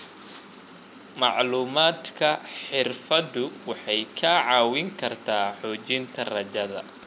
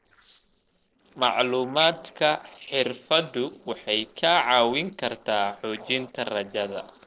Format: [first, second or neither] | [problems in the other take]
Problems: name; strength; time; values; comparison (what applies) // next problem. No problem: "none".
first | noise reduction (neural separator model SepFormer DNS4)